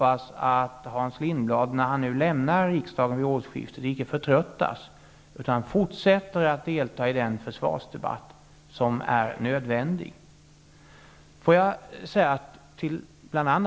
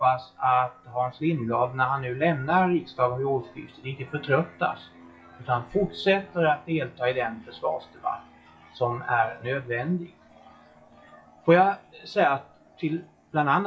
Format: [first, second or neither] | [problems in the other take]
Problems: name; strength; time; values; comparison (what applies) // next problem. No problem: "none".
first | noise reduction (classical method WPE with log-MMSE)